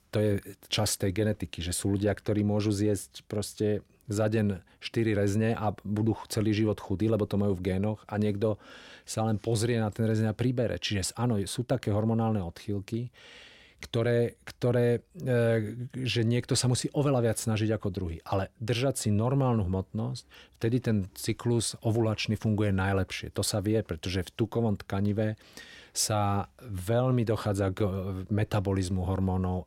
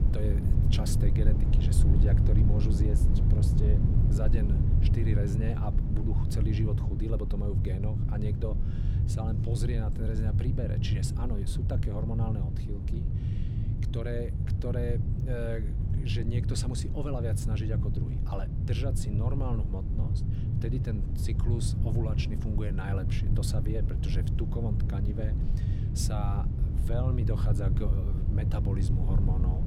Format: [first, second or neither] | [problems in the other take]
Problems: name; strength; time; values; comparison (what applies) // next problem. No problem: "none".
first | low rumble; loud; throughout; 1 dB below the speech